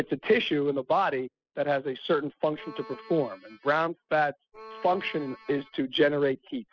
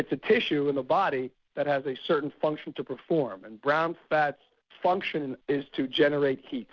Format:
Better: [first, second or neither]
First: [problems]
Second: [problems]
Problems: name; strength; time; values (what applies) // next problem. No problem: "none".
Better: second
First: noise reduction (classical method spectral subtraction)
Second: none